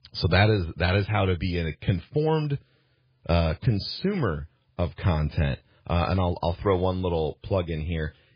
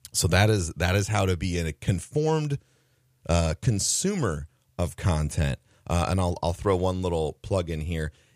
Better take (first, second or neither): second